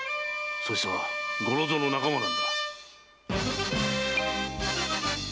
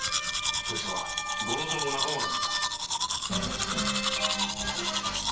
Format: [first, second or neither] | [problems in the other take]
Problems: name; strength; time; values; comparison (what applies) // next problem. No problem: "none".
first | background sound (Domestic sounds, home sounds); 2 dB above the speech // room echo; dies away in 0.2 s